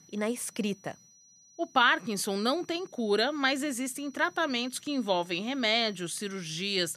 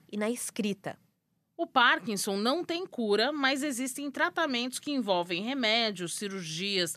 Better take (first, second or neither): second